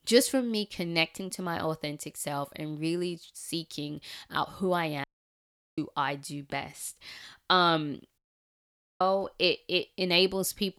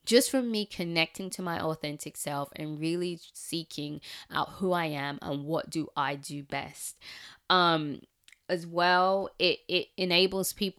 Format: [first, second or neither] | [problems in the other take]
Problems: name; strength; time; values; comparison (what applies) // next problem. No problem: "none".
second | audio cutting out; at 5 s for 0.5 s and at 8 s for 1 s